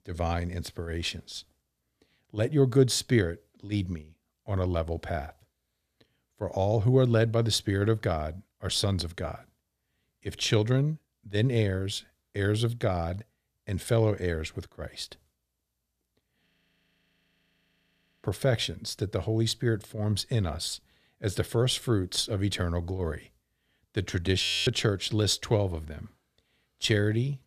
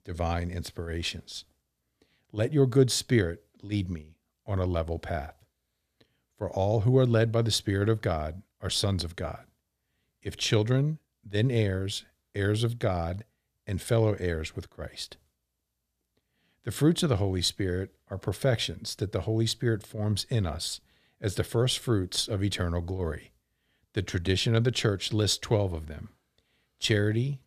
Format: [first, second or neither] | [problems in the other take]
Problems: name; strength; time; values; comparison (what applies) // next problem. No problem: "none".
second | audio freezing; at 16 s for 2 s and at 24 s